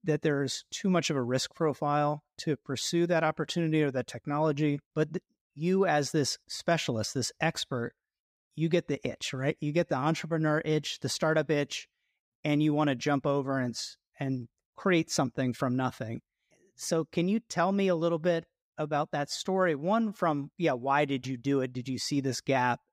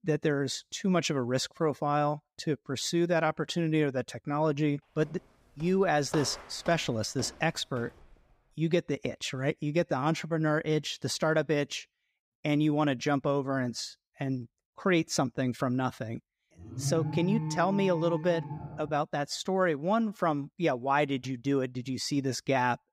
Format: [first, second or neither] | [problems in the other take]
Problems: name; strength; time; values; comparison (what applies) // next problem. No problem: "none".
first | footsteps; noticeable; from 5 to 8 s; peak 10 dB below the speech // alarm; noticeable; from 17 to 19 s; peak 3 dB below the speech